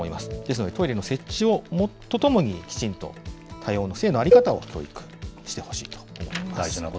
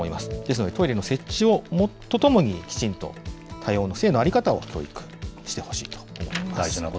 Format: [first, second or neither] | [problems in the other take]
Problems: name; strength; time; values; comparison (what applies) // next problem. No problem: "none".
second | background sound (Cowbell); 2 dB above the speech